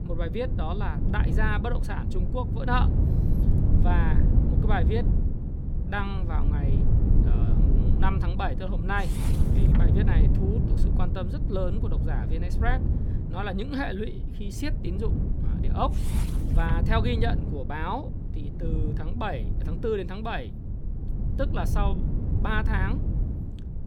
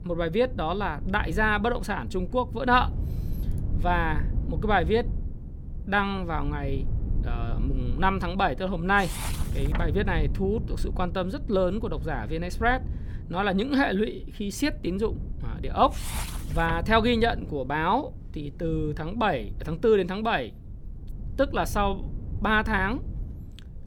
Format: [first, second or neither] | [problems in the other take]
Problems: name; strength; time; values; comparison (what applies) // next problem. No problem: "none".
second | low rumble; loud; throughout; 7 dB below the speech; faint in the second